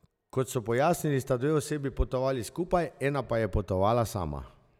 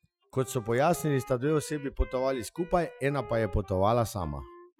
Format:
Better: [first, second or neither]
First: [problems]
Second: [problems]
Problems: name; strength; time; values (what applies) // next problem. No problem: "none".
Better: first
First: none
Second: noise reduction (classical method Wiener filter)